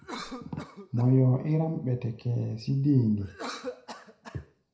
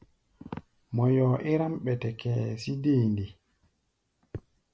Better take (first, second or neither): second